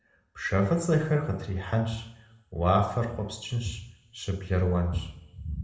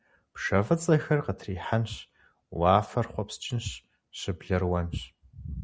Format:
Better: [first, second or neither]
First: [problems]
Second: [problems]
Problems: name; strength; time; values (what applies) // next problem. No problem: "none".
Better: second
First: room echo; dies away in 0.8 s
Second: none